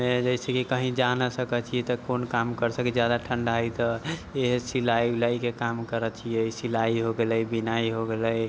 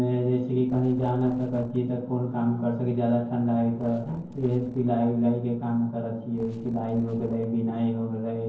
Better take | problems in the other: first | noise reduction (neural separator model SepFormer DNS4)

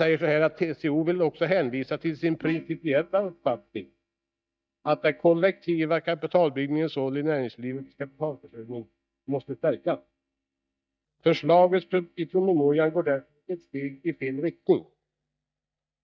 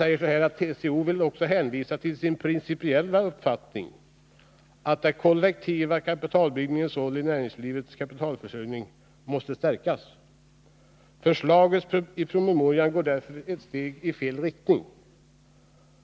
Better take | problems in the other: second | noise reduction (neural mask model DeepFilterNet 3)

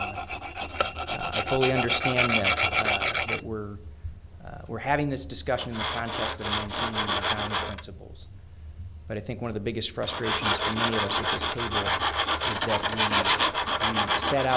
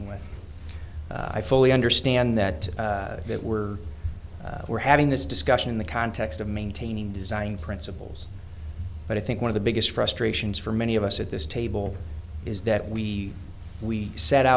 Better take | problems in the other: second | background sound (Tools); 3 dB above the speech

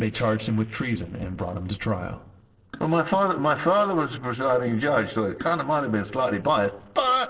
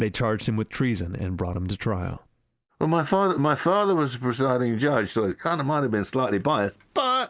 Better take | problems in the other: second | noise reduction (neural separator model SepFormer DNS4)

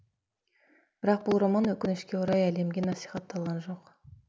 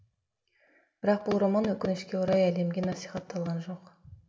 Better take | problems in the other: first | room echo; dies away in 0.7 s

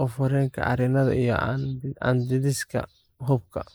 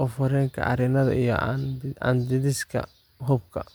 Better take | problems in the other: second | noise reduction (neural mask model Resemble Enhance denoiser)

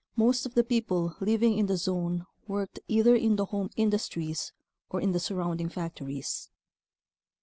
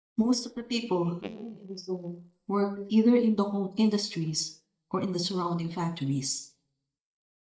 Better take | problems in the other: first | noise reduction (neural mask model DeepFilterNet 3)

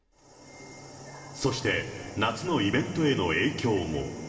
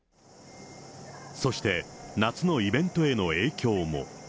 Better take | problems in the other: second | room echo; dies away in 2.4 s

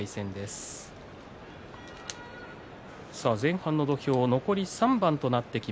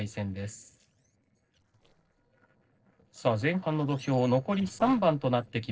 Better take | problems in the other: first | noise reduction (neural separator model SepFormer DNS4)

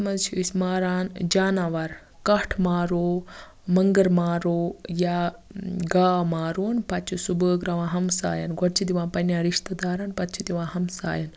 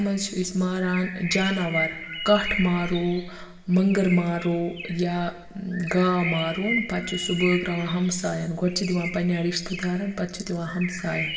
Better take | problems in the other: first | background sound (Bird); 10 dB below the speech // room echo; dies away in 1 s

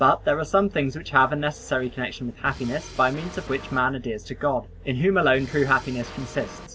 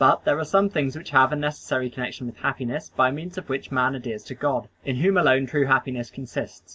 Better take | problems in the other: second | background sound (Vehicle + Drum kit); 16 dB below the speech

